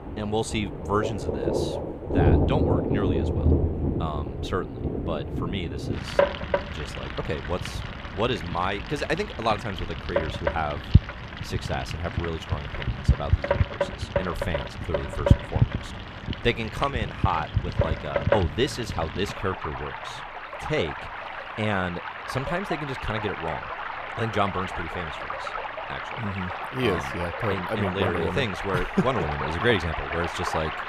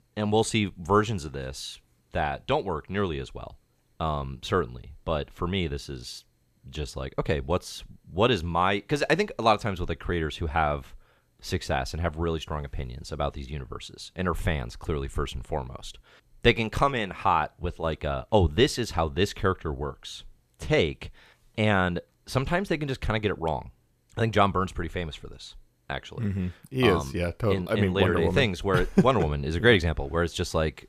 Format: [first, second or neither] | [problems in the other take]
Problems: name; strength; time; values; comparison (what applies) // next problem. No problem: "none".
second | rain or running water; very loud; throughout; 1 dB above the speech